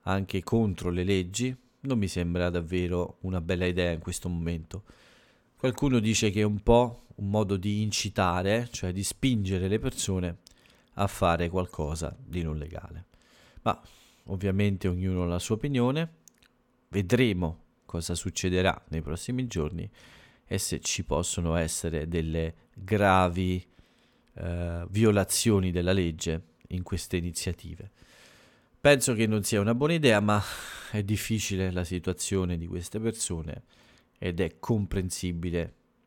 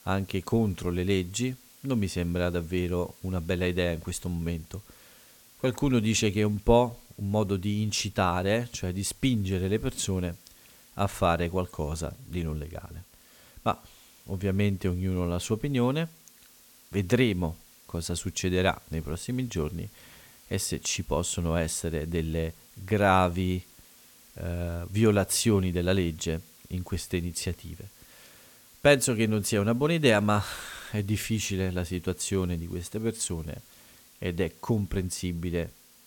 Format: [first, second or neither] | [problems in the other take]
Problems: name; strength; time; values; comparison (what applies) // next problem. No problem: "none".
first | hiss; faint; throughout; 25 dB below the speech